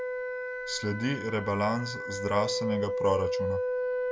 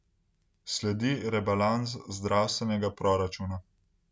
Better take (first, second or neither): second